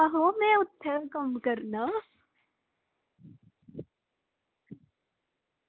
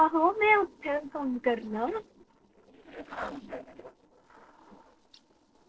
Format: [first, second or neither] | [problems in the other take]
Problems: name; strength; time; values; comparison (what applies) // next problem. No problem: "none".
first | noise reduction (neural separator model SepFormer DNS4)